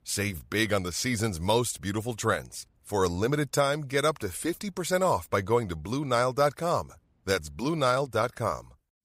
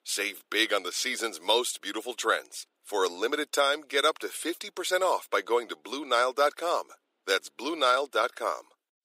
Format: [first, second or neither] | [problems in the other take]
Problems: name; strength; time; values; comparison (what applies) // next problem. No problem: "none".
first | thin; very; fading below 300 Hz